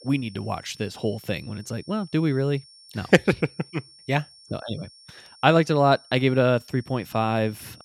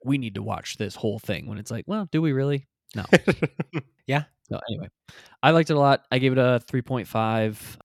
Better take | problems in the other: second | high-pitched whine; faint; throughout; 5.5 kHz, 25 dB below the speech

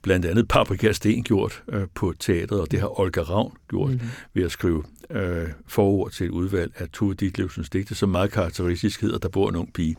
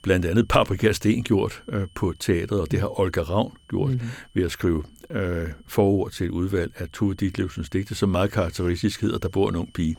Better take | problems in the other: first | high-pitched whine; faint; throughout; 3 kHz, 30 dB below the speech

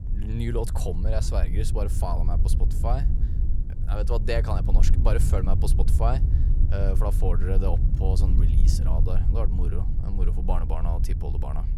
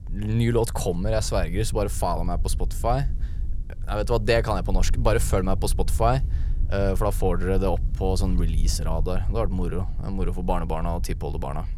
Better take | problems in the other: second | low rumble; loud; throughout; 8 dB below the speech; faint in the second

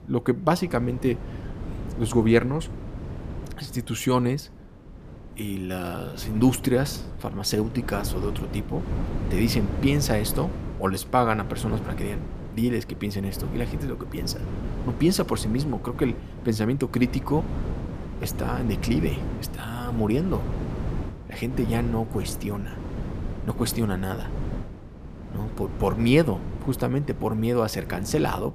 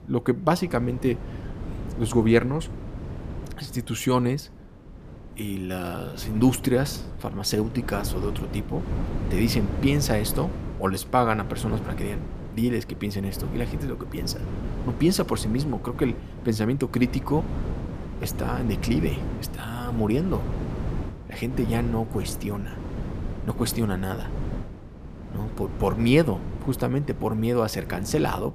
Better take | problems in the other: neither | wind noise on the microphone; occasional gusts; 10 dB below the speech; the same in both

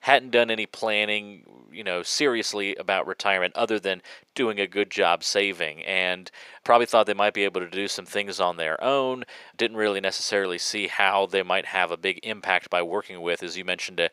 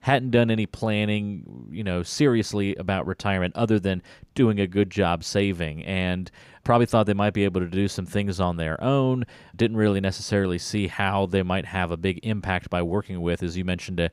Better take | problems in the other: second | thin; very; fading below 550 Hz

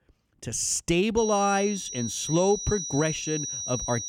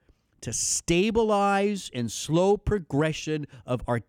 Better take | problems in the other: second | high-pitched whine; loud; from 1 s on; 6 kHz, 5 dB below the speech

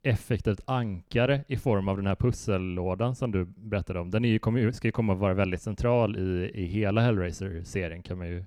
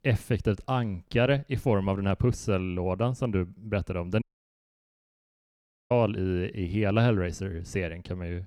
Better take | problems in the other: first | audio cutting out; at 4 s for 1.5 s

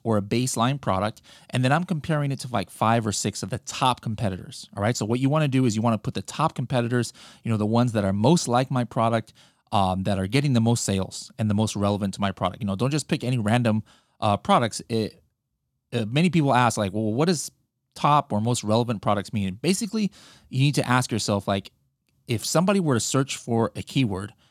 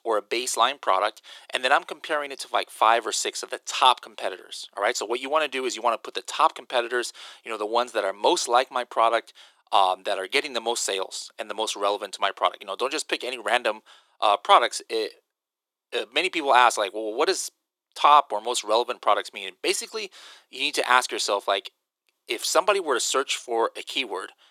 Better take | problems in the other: first | thin; very; fading below 350 Hz

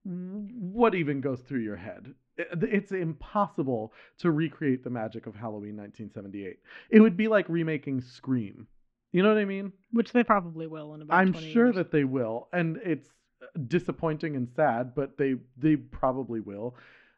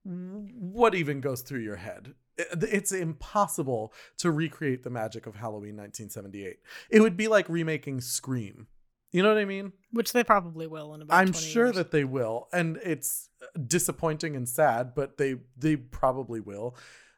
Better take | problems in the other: second | muffled; very; fading above 3.5 kHz

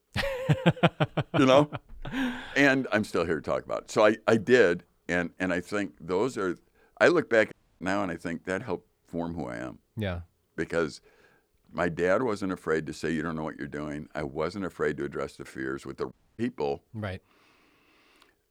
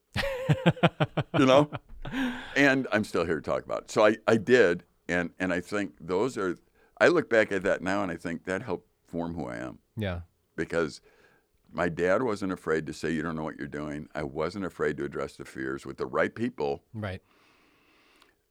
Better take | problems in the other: second | audio cutting out; at 7.5 s and at 16 s

